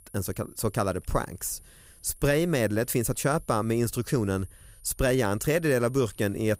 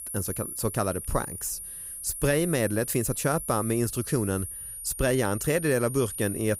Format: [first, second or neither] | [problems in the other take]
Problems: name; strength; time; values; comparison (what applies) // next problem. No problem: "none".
first | high-pitched whine; loud; throughout; 10 kHz, 7 dB below the speech; faint in the first